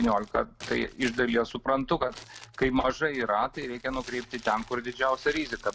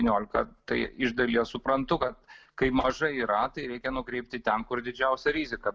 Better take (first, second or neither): second